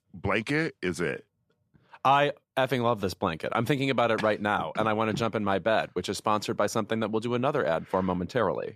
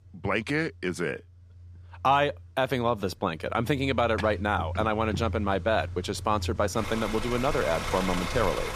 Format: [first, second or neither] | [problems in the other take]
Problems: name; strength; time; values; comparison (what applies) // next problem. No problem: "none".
first | traffic noise; loud; throughout; 8 dB below the speech